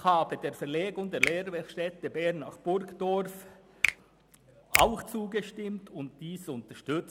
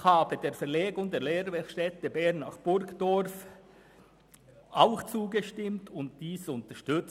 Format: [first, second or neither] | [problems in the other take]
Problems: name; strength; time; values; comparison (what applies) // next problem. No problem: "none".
second | background sound (Finger snapping + Finger snapping); 3 dB below the speech